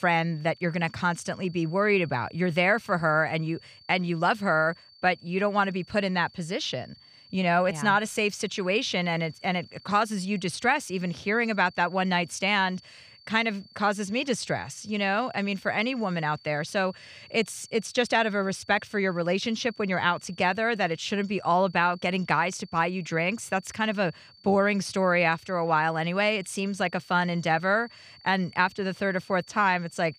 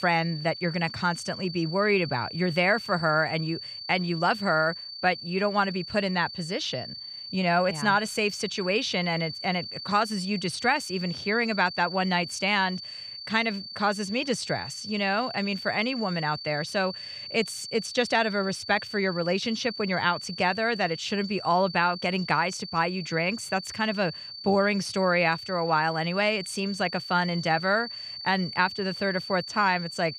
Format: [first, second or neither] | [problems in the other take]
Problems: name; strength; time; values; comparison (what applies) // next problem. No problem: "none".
first | high-pitched whine; loud; throughout; 4.5 kHz, 10 dB below the speech; faint in the first